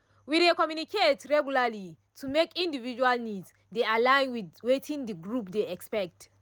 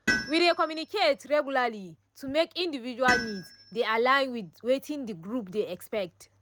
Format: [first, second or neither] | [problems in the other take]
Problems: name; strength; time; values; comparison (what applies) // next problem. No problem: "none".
first | background sound (Tools); 8 dB below the speech